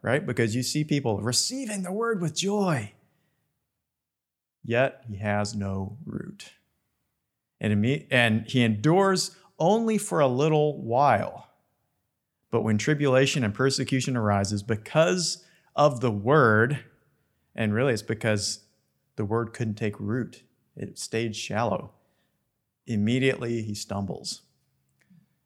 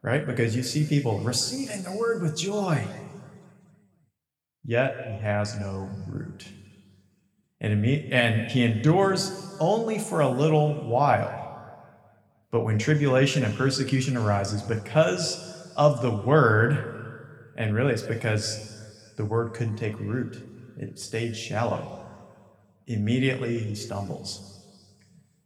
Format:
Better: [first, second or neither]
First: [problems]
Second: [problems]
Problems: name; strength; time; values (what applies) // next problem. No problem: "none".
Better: first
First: none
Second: room echo; slight; dies away in 1.8 s